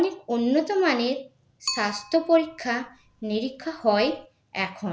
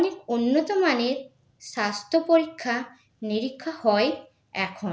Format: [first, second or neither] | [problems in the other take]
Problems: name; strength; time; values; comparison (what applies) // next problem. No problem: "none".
second | background sound (Bicycle); 14 dB below the speech